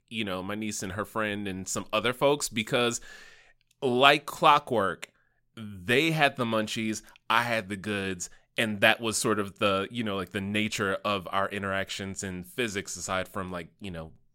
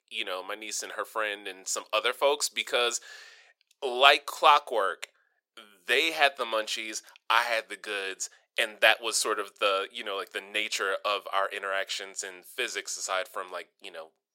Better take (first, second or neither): first